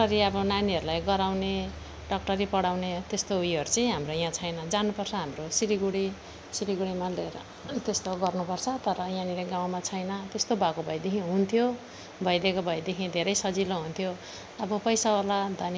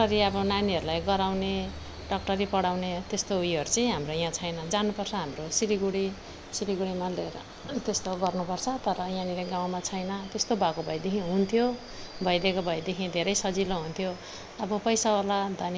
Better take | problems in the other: first | background sound (Screech / Subway, metro, underground); 18 dB below the speech

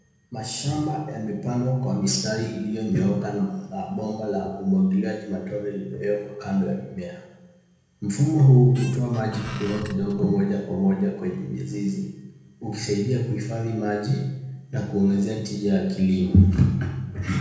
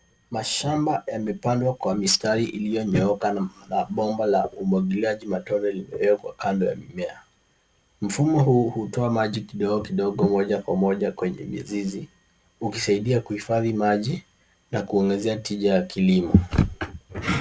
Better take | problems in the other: second | background sound (Squeak); 17 dB below the speech // room echo; dies away in 1 s

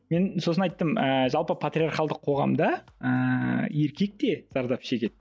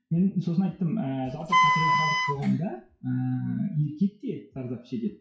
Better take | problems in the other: first | noise reduction (classical method WPE with log-MMSE)

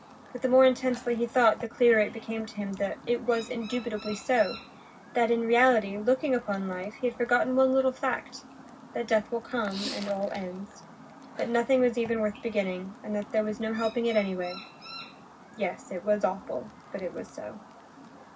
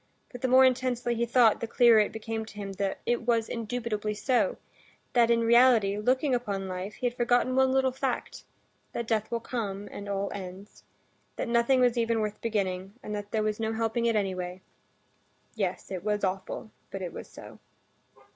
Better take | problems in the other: second | background sound (Chirp, tweet); 18 dB below the speech // room echo; dies away in 0.4 s

